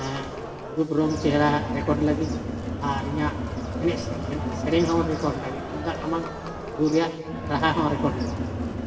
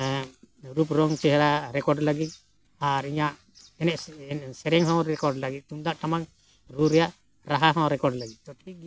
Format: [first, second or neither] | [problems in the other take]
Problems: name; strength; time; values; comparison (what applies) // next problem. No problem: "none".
second | background sound (Crowd); 4 dB below the speech // room echo; dies away in 2.6 s